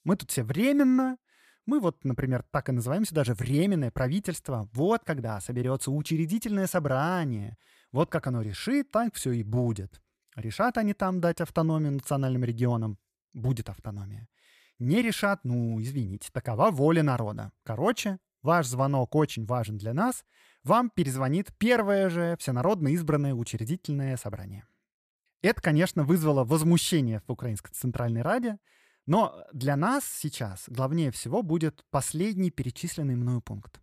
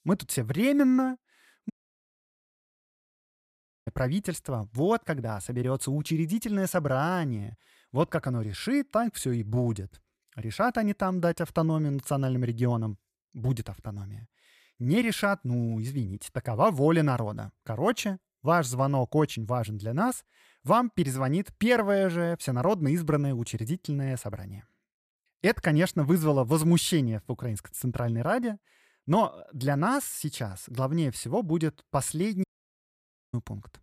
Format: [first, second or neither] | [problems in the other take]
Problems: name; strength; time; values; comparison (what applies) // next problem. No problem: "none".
first | audio cutting out; at 1.5 s for 2 s and at 32 s for 1 s